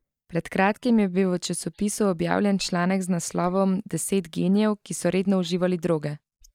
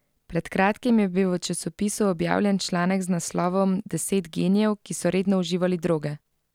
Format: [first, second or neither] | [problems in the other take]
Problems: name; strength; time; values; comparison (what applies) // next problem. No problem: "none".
second | noise reduction (neural mask model DeepFilterNet 3)